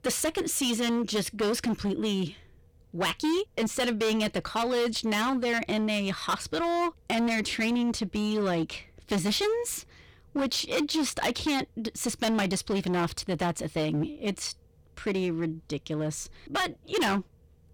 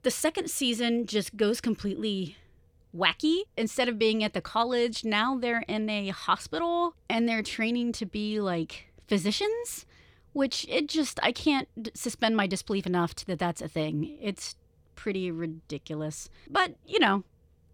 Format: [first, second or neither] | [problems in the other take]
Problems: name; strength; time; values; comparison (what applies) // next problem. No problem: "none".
second | distortion; heavy; 16% of the sound clipped